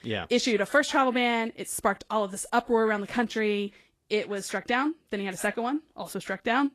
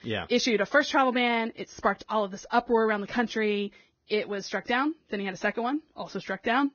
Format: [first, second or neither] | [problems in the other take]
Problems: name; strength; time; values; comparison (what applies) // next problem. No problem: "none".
first | garbled, watery; badly; nothing above 6.5 kHz; slightly in the first